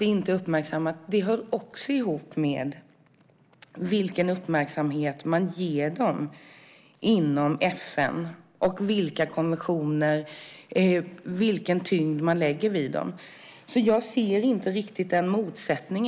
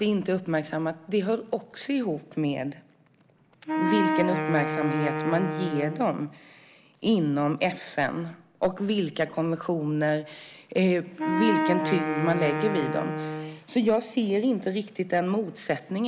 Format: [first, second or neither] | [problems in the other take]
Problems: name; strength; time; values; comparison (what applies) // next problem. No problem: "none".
first | background sound (Wind instrument, woodwind instrument); 1 dB below the speech